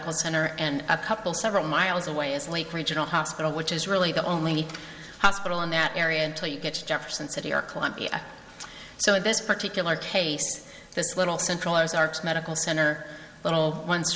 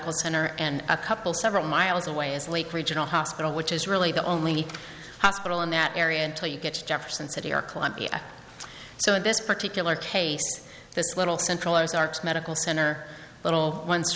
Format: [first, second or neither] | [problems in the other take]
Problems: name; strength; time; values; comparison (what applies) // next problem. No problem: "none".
second | room echo; dies away in 0.3 s